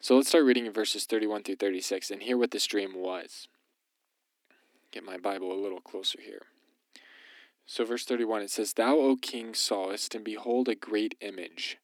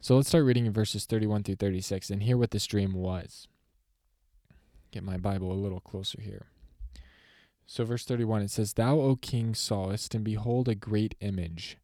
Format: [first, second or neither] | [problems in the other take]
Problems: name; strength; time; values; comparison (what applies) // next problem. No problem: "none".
second | thin; somewhat; fading below 250 Hz